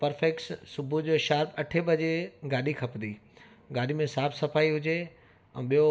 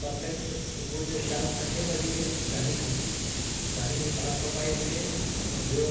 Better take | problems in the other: first | background sound (Hiss); 3 dB above the speech // room echo; dies away in 1.1 s

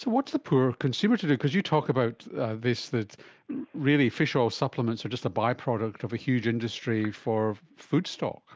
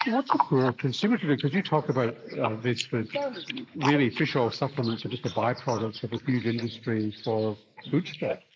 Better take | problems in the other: first | noise reduction (neural mask model Resemble Enhance denoiser)

